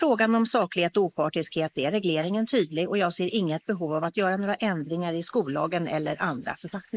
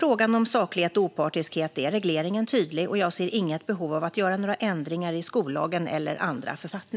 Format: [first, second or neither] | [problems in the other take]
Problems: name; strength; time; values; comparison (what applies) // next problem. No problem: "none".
second | noise reduction (neural mask model Resemble Enhance denoiser)